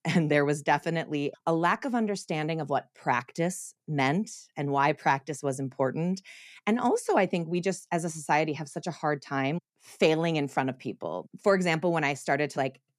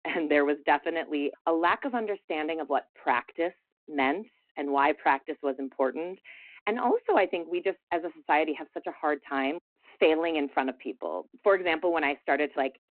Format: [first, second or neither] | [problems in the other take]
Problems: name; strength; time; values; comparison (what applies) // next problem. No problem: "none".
first | phone-call audio; nothing above 4 kHz